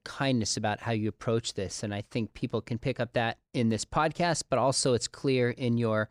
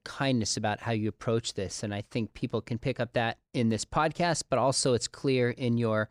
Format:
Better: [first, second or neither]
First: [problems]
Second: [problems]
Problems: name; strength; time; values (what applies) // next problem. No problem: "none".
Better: neither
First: none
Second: none